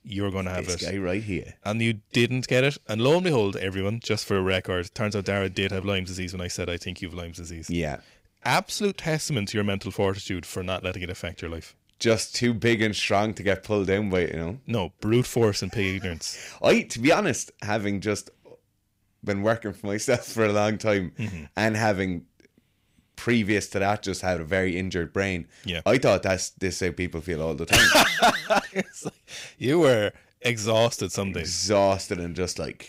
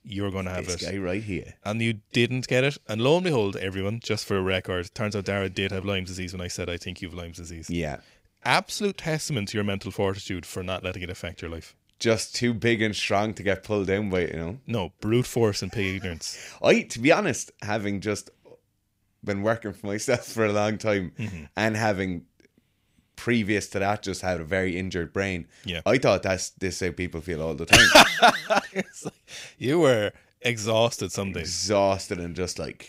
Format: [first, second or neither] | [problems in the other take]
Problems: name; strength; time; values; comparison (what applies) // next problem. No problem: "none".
second | distortion; slight; 1.1% of the sound clipped